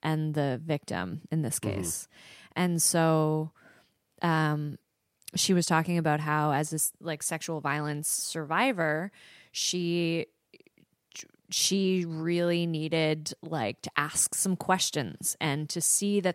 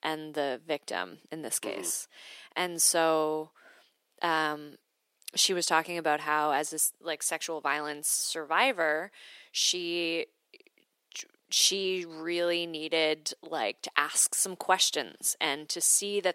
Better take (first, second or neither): first